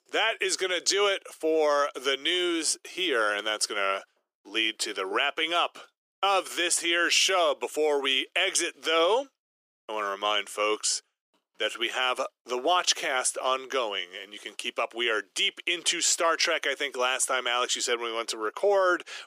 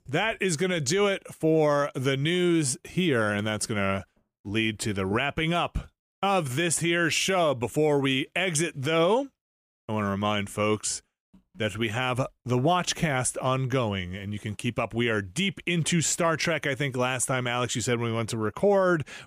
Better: second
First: thin; very; fading below 350 Hz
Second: none

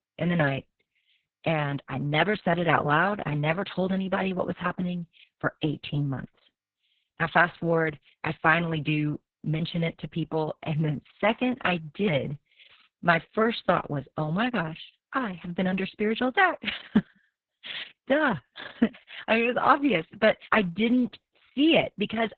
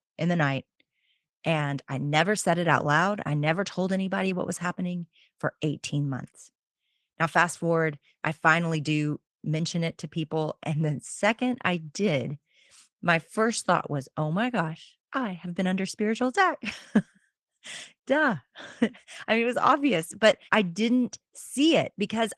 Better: second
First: garbled, watery; badly; nothing above 4 kHz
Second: garbled, watery; slightly; nothing above 11.5 kHz

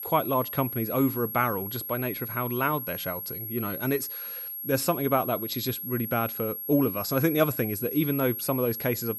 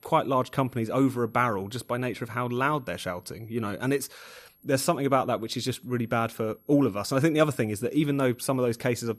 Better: second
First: high-pitched whine; loud; throughout; 11.5 kHz, 5 dB below the speech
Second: high-pitched whine; faint; throughout; 11.5 kHz, 30 dB below the speech

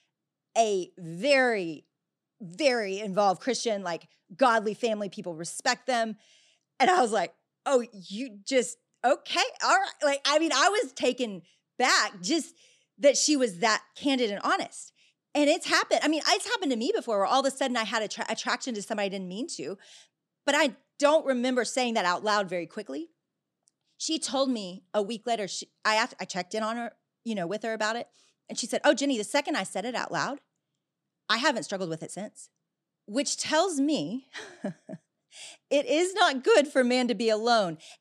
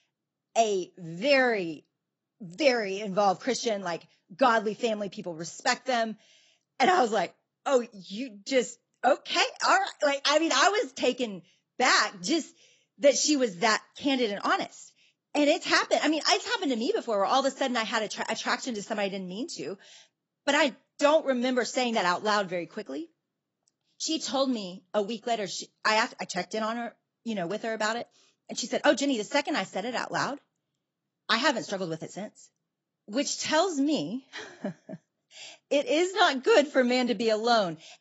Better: first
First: none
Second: garbled, watery; badly; nothing above 7.5 kHz

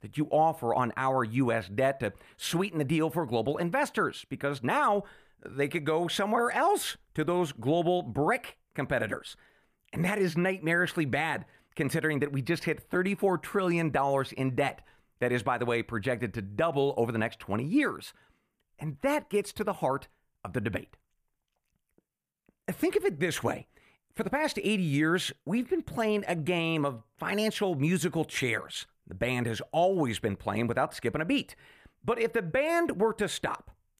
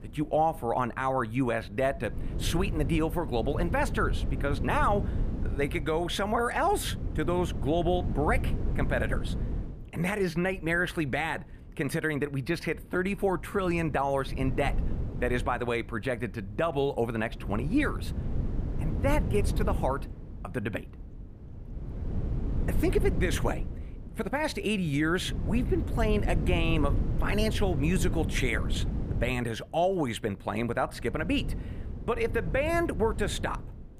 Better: first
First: none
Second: wind noise on the microphone; occasional gusts; 15 dB below the speech

